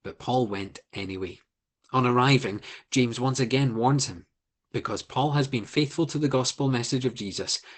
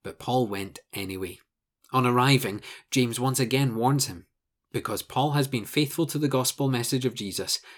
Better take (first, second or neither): second